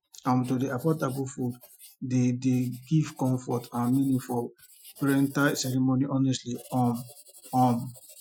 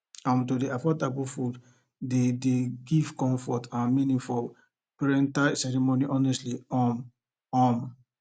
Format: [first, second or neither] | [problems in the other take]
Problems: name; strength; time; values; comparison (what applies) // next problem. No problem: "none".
second | noise reduction (classical method Wiener filter)